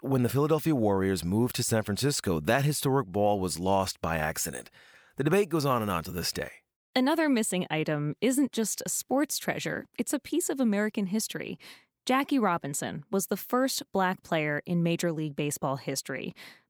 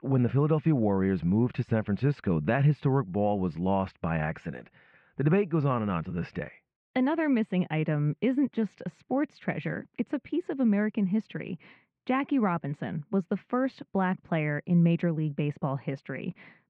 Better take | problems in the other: first | muffled; very; fading above 2.5 kHz

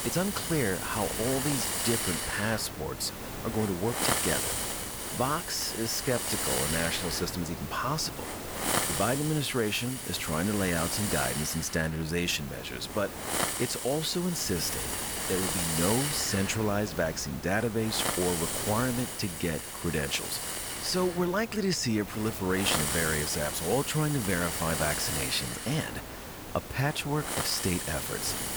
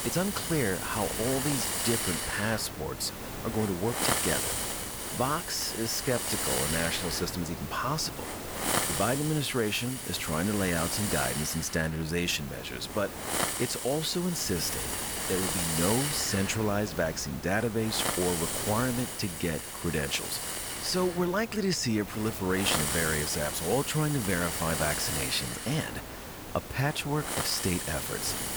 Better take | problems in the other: neither | hiss; loud; throughout; 1 dB below the speech; the same in both

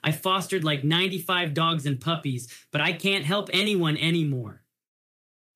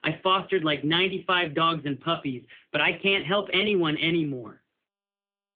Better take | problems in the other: first | phone-call audio; nothing above 3.5 kHz

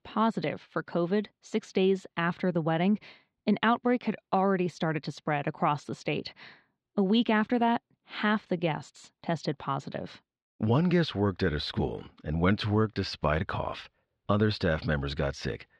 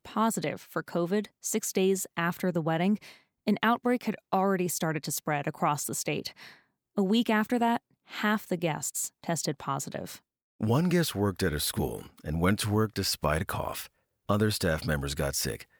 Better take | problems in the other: second | muffled; slightly; fading above 4 kHz

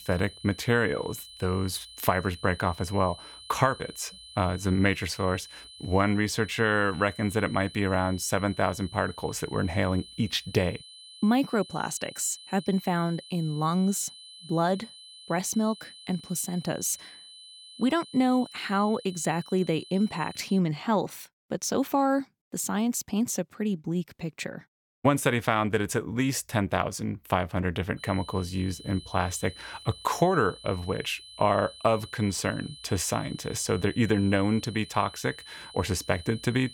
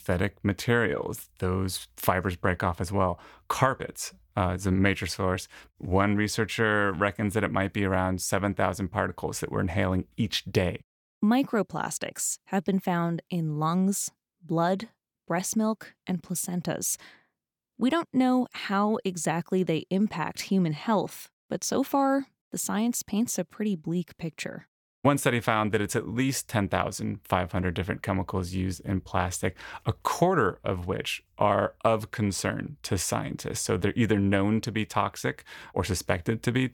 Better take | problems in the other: second | high-pitched whine; noticeable; until 21 s and from 28 s on; 4 kHz, 15 dB below the speech

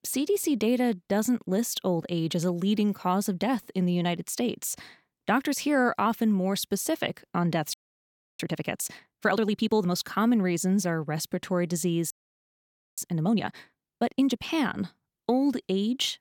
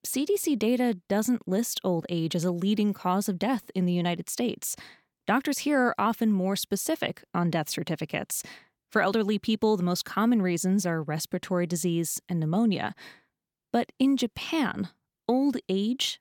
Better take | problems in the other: second | audio freezing; at 7.5 s for 0.5 s and at 12 s for 1 s

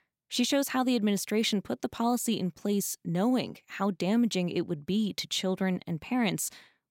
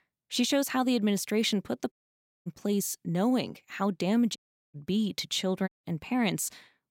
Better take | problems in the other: first | audio cutting out; at 2 s for 0.5 s, at 4.5 s and at 5.5 s

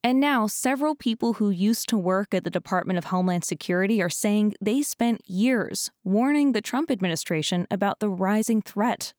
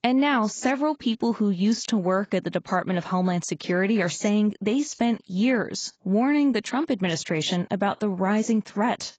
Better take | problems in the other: first | garbled, watery; badly; nothing above 7.5 kHz

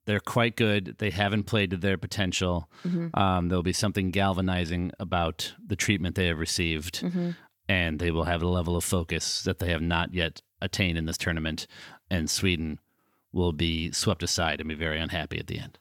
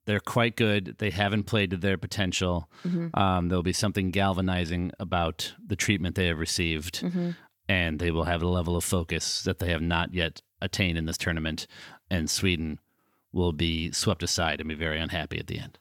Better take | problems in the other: neither | none

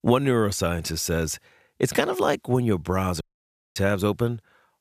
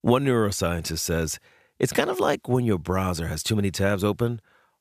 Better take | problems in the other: second | audio cutting out; at 3 s for 0.5 s

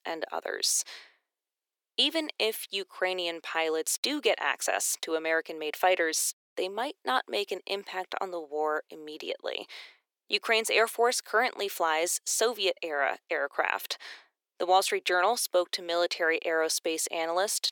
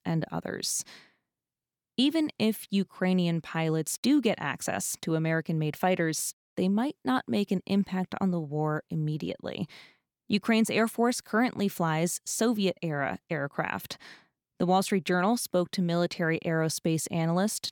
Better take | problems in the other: second | thin; very; fading below 400 Hz

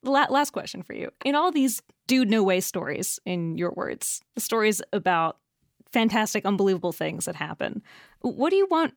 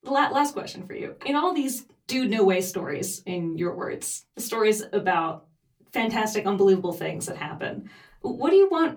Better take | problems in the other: first | off-mic speech; far // room echo; very slight; dies away in 0.2 s

